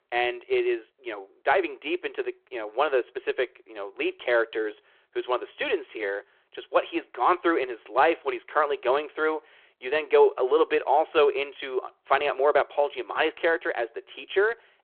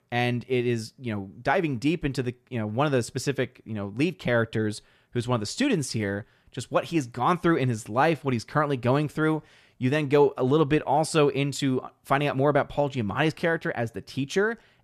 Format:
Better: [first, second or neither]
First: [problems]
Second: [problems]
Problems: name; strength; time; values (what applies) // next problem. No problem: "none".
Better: second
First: phone-call audio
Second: none